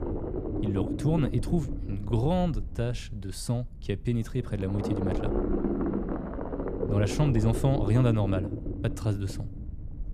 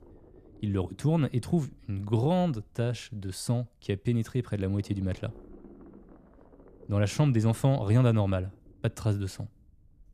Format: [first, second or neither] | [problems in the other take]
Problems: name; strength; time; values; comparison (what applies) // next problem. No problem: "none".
second | low rumble; loud; throughout; 2 dB below the speech; faint in the second